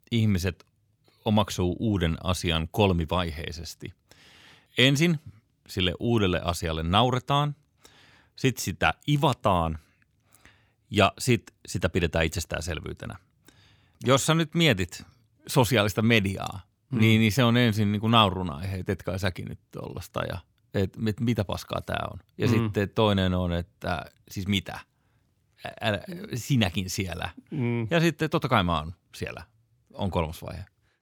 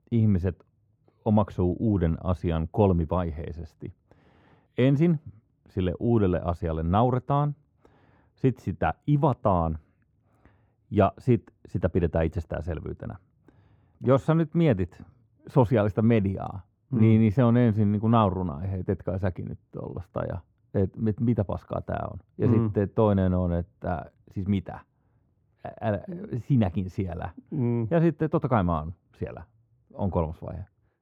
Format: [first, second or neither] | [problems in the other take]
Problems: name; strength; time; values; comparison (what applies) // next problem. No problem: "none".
first | muffled; very; fading above 2 kHz